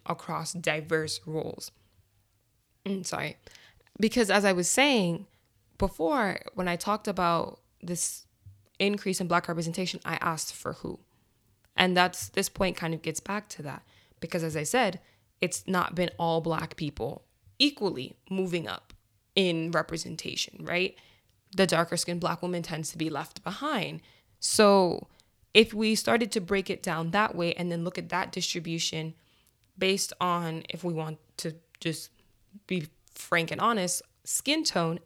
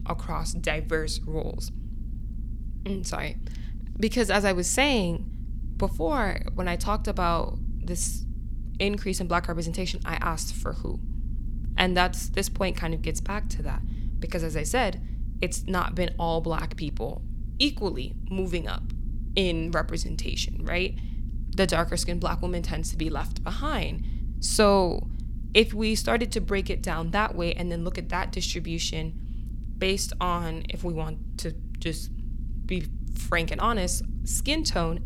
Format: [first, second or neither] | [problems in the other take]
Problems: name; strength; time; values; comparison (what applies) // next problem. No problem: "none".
first | low rumble; faint; throughout; 20 dB below the speech